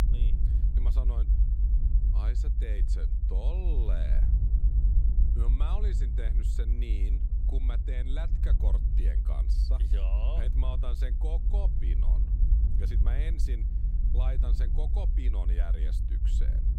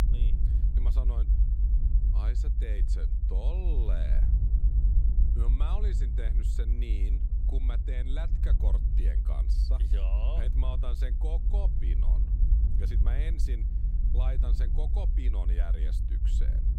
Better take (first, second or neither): neither